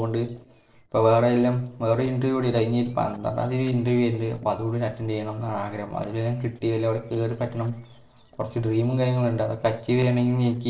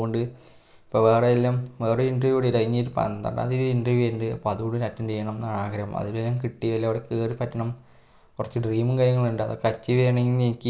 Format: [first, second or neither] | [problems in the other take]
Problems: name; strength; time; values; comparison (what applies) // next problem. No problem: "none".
second | noise reduction (neural separator model SepFormer DNS4)